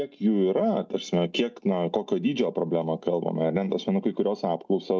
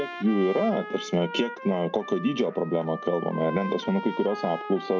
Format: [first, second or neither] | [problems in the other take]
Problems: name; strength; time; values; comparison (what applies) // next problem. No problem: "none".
first | background sound (Trumpet); 11 dB below the speech